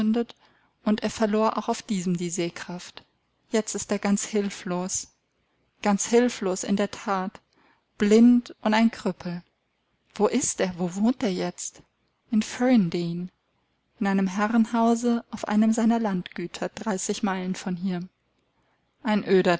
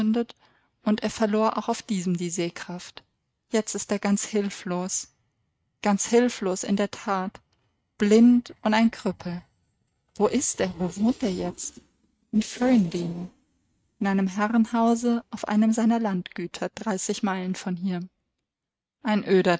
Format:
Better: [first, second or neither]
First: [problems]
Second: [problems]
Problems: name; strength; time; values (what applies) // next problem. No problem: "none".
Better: first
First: none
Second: noise reduction (neural mask model RNNoise)